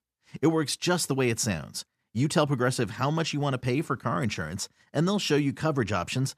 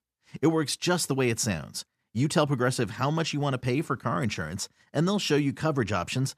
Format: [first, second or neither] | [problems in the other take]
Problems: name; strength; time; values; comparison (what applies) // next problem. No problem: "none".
neither | none